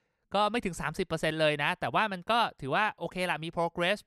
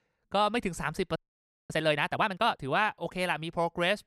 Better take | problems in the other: first | audio freezing; at 1 s for 0.5 s

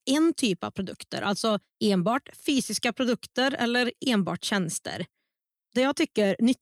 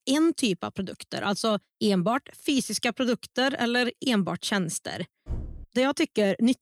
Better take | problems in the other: first | door banging; faint; at 5.5 s; peak 10 dB below the speech

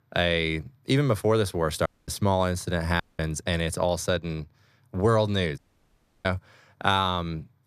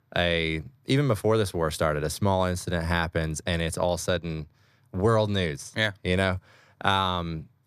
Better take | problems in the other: second | audio cutting out; at 2 s, at 3 s and at 5.5 s for 0.5 s

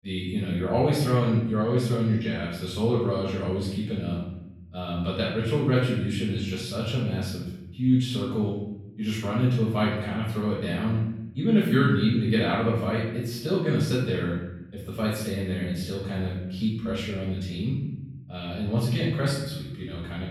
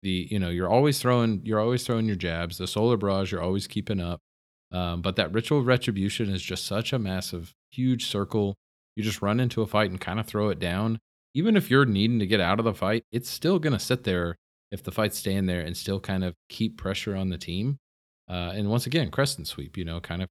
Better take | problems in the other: second | off-mic speech; far // room echo; noticeable; dies away in 1 s

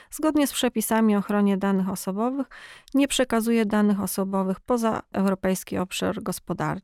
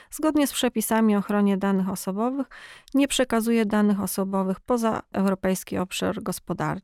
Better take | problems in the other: neither | none

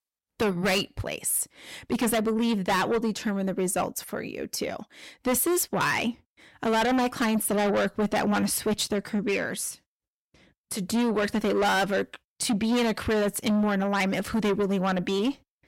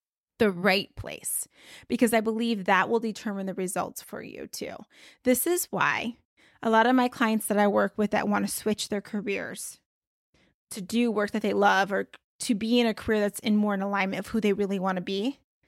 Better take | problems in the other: second | distortion; heavy; 6 dB below the speech

